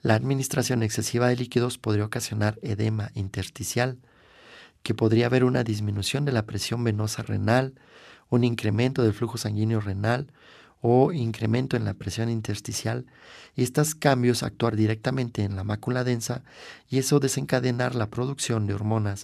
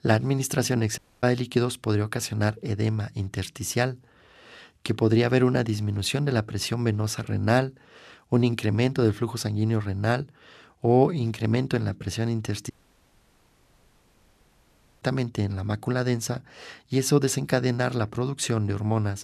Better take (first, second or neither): first